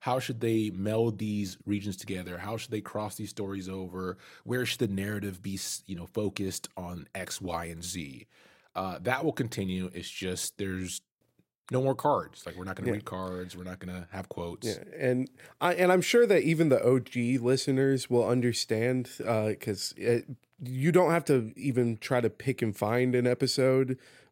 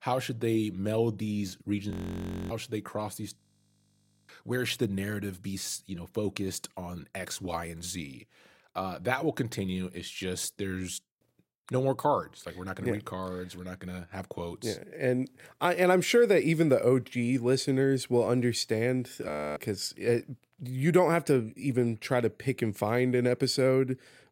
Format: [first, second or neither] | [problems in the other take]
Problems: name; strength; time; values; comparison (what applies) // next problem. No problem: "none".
first | audio freezing; at 2 s for 0.5 s, at 3.5 s for 1 s and at 19 s